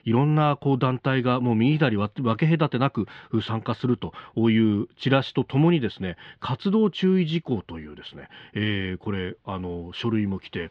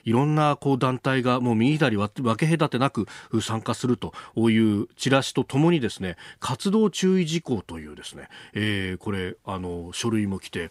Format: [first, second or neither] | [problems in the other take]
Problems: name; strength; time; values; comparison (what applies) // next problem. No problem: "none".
second | muffled; slightly; fading above 3.5 kHz